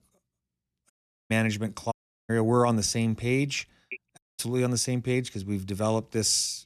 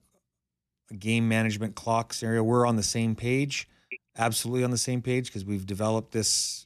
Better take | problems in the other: second | audio cutting out; at 1 s, at 2 s and at 4 s

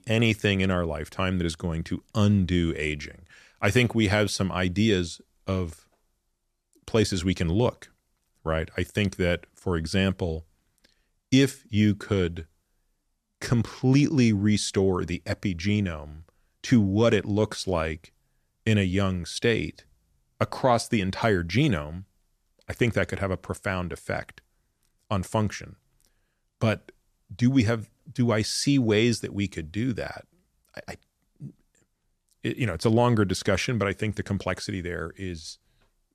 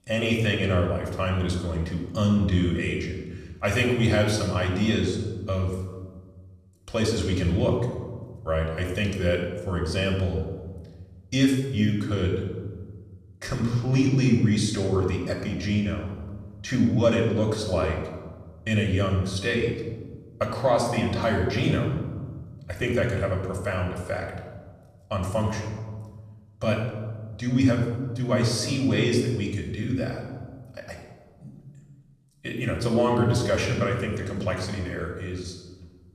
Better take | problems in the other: first | off-mic speech; far // room echo; noticeable; dies away in 1.2 s

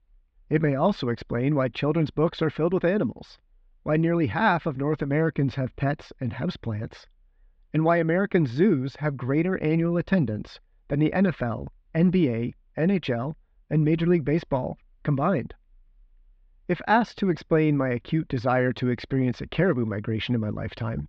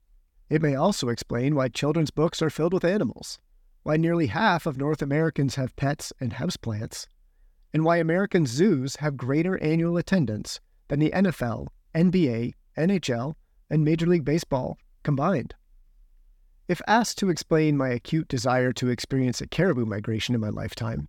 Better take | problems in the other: second | muffled; slightly; fading above 3.5 kHz

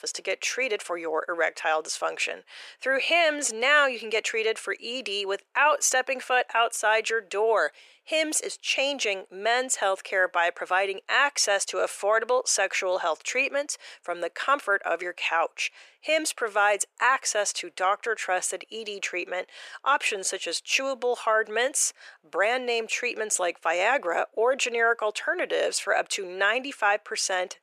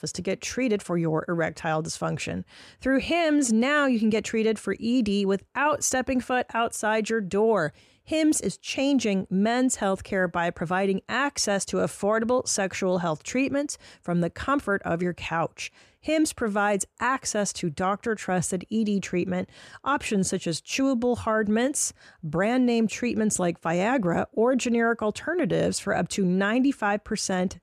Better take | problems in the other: second | thin; very; fading below 450 Hz

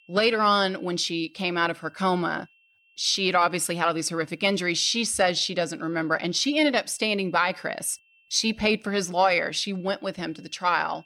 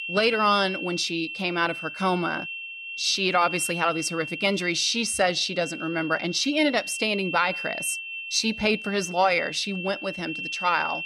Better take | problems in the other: first | high-pitched whine; loud; throughout; 2.5 kHz, 8 dB below the speech; faint in the first

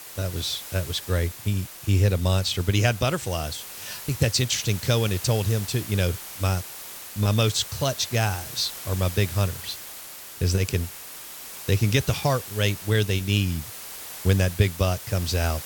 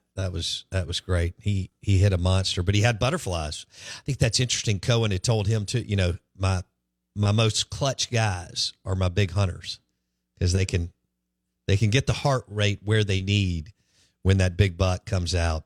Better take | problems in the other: second | hiss; noticeable; throughout; 10 dB below the speech

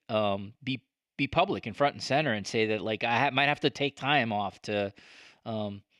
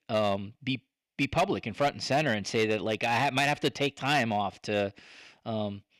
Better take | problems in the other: first | distortion; slight; 4% of the sound clipped

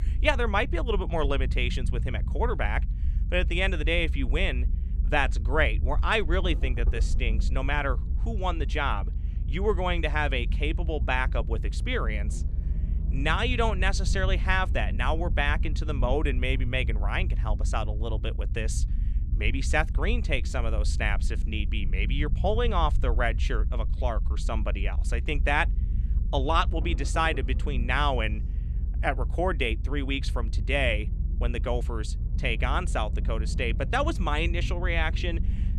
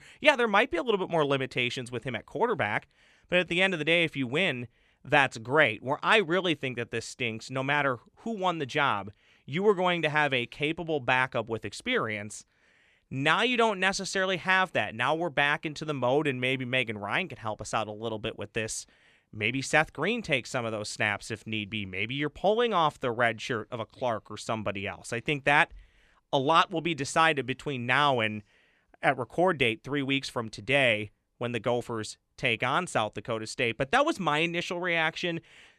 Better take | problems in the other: second | low rumble; noticeable; throughout; 20 dB below the speech

